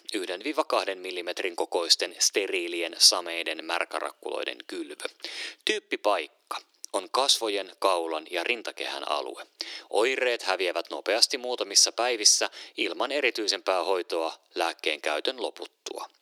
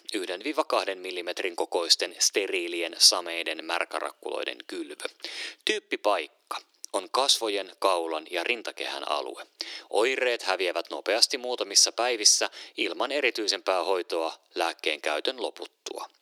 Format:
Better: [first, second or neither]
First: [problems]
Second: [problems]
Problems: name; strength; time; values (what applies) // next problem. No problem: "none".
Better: neither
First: thin; very; fading below 300 Hz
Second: thin; very; fading below 300 Hz